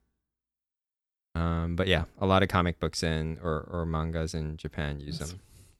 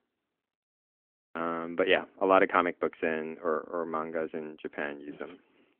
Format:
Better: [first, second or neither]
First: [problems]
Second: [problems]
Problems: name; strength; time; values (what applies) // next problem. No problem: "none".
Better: first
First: none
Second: phone-call audio; nothing above 3 kHz